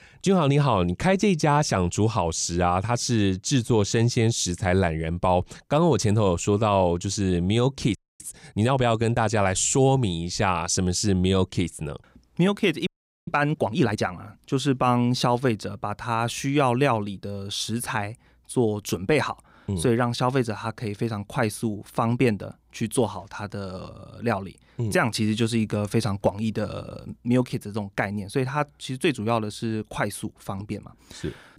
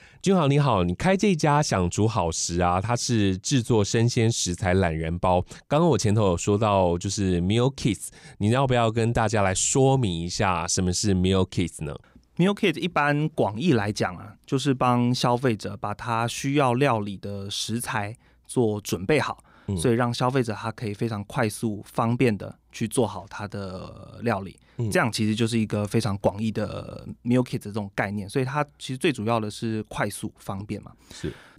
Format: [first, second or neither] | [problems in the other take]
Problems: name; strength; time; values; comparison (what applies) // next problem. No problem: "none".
second | audio freezing; at 8 s and at 13 s